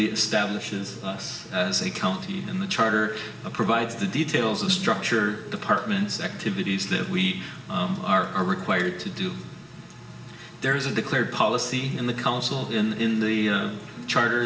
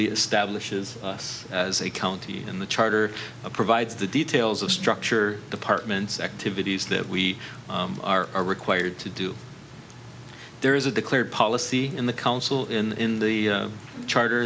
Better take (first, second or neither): second